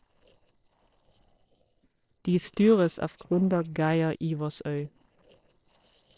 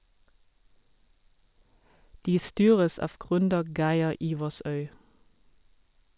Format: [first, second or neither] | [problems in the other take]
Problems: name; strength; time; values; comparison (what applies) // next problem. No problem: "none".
second | noise reduction (neural separator model SepFormer DNS4)